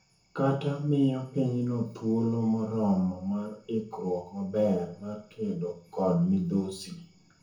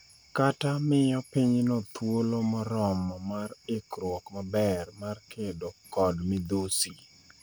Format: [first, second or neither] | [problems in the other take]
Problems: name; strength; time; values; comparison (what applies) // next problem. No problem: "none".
second | room echo; dies away in 0.6 s